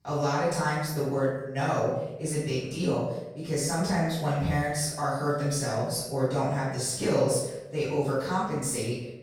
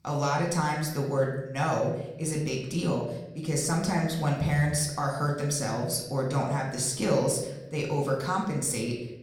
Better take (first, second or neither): second